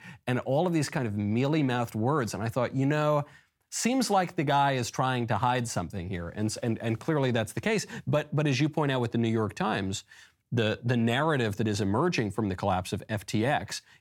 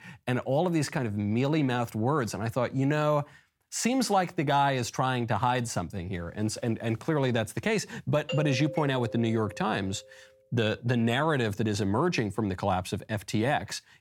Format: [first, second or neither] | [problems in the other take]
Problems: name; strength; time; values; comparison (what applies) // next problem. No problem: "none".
first | doorbell; noticeable; from 8.5 to 10 s; peak 7 dB below the speech